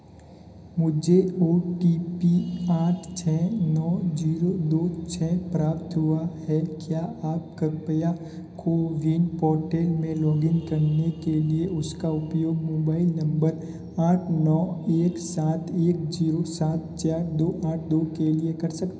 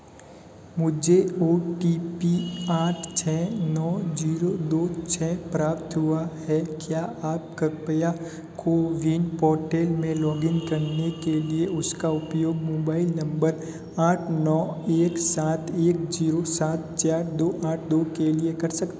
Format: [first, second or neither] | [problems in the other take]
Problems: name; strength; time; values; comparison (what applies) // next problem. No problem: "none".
second | room echo; dies away in 0.5 s